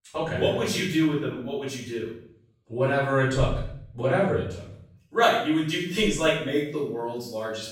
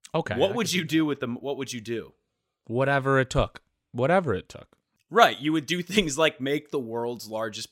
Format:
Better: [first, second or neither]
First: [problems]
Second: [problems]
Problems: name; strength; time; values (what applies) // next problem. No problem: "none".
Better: second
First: room echo; noticeable; dies away in 0.6 s // off-mic speech; far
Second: none